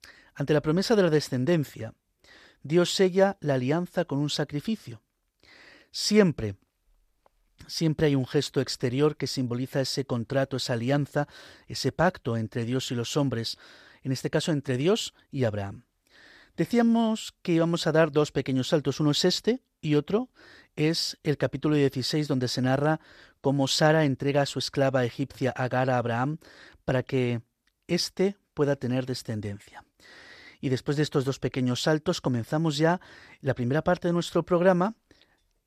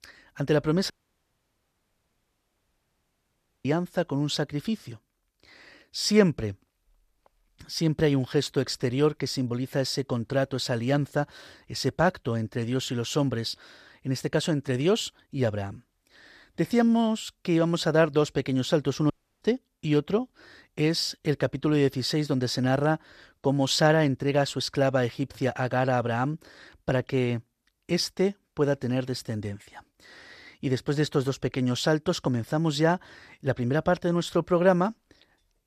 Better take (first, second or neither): first